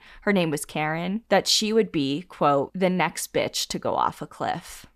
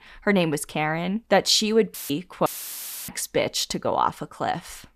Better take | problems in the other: first | audio cutting out; filled with static; at 2 s and at 2.5 s for 0.5 s

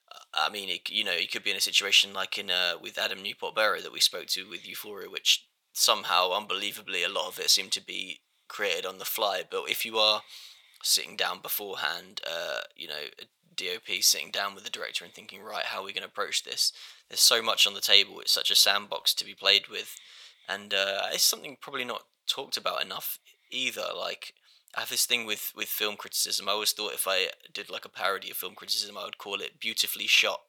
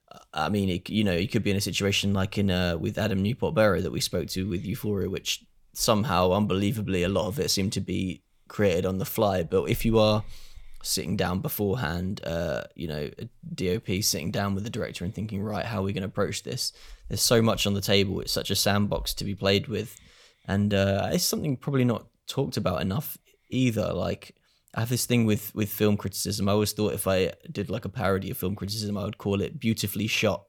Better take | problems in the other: second | thin; very; fading below 850 Hz

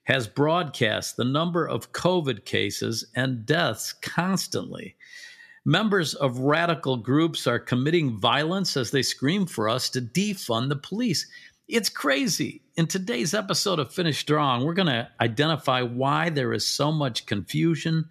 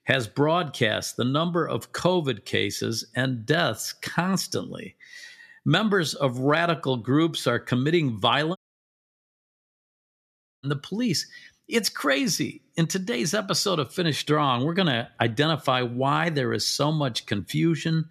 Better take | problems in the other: first | audio cutting out; at 8.5 s for 2 s

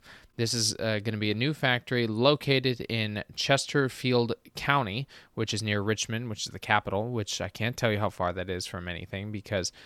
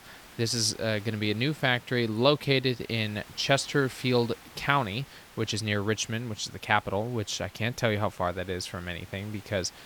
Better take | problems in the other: first | hiss; faint; throughout; 20 dB below the speech

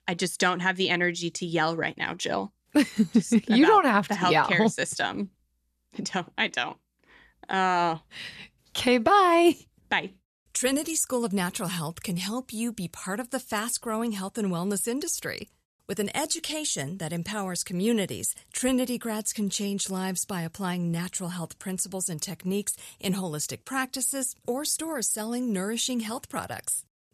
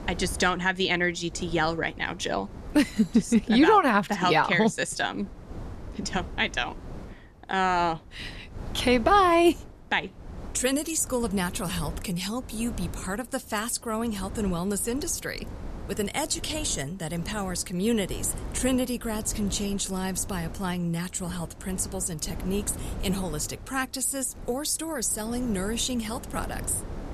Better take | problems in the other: first | wind noise on the microphone; occasional gusts; 20 dB below the speech

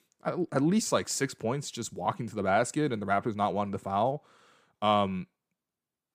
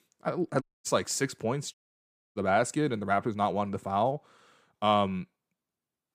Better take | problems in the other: first | audio cutting out; at 0.5 s and at 1.5 s for 0.5 s

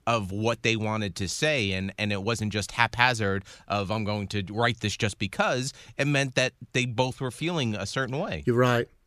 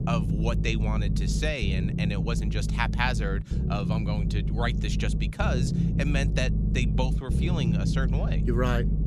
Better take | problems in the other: first | low rumble; loud; throughout; 6 dB below the speech

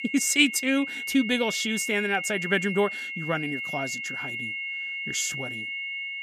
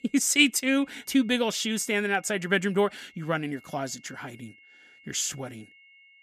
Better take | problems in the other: second | high-pitched whine; loud; throughout; 2 kHz, 5 dB below the speech; faint in the second

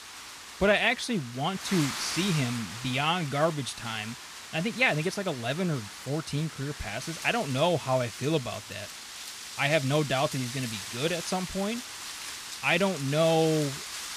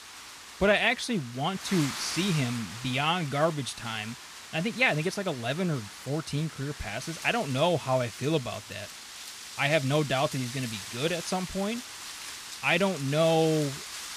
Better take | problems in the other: second | wind noise on the microphone; heavy; 9 dB below the speech; occasional gusts in the second

